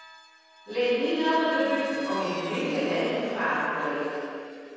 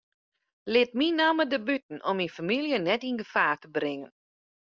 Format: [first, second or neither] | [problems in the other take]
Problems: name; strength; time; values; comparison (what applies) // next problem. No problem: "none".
second | background sound (Vehicle); 18 dB below the speech // room echo; dies away in 2.2 s